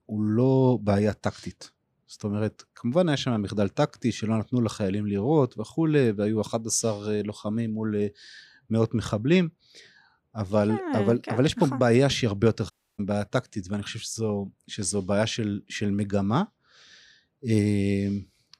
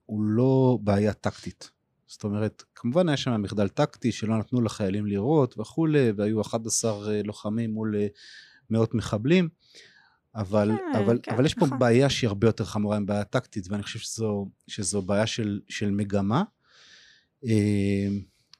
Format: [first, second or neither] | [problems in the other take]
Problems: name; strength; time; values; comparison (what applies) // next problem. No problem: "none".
second | audio cutting out; at 13 s